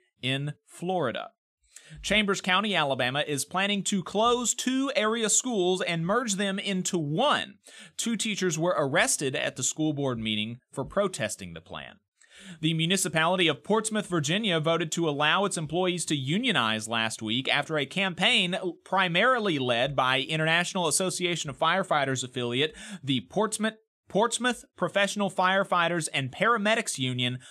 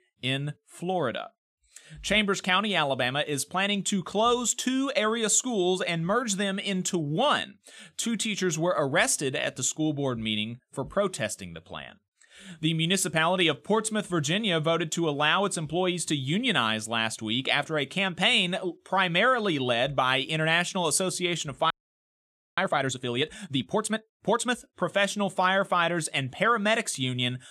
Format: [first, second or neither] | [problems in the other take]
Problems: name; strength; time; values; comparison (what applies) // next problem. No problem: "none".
first | audio freezing; at 22 s for 1 s